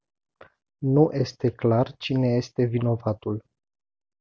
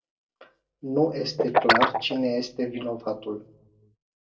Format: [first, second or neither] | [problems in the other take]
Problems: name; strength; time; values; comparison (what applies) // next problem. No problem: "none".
first | background sound (Guitar); 3 dB above the speech // room echo; dies away in 0.2 s